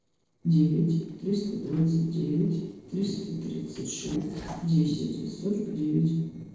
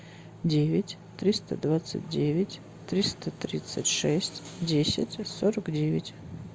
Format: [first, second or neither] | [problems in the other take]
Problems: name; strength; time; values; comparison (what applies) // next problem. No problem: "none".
second | noise reduction (neural separator model SepFormer DNS4)